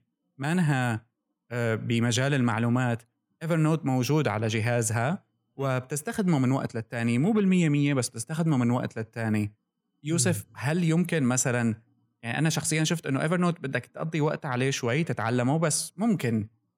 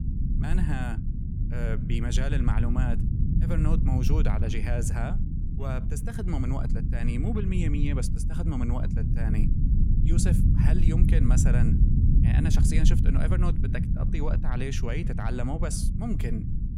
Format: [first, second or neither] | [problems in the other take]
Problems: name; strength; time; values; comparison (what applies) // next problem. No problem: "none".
first | low rumble; loud; throughout; 3 dB below the speech